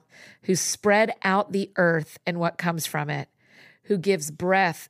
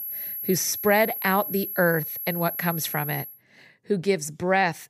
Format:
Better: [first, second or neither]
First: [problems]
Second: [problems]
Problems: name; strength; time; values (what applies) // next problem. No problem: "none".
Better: first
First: none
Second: high-pitched whine; loud; until 3.5 s; 11.5 kHz, 6 dB below the speech